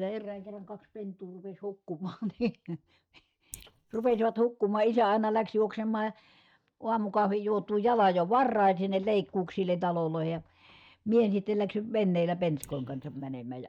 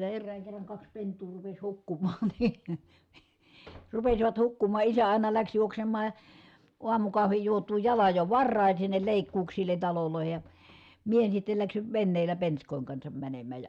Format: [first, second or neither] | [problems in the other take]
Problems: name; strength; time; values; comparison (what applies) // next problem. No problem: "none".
second | noise reduction (neural mask model DeepFilterNet 3)